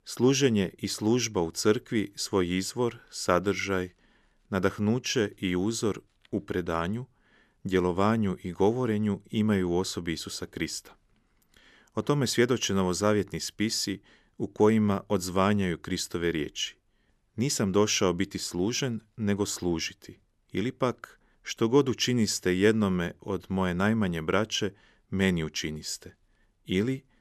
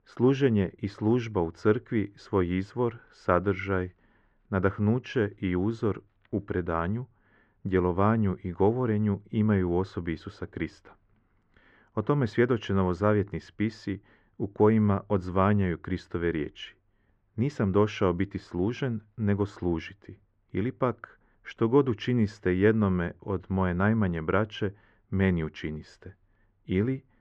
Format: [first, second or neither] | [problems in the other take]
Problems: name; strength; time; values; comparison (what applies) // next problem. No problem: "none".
first | muffled; very; fading above 1.5 kHz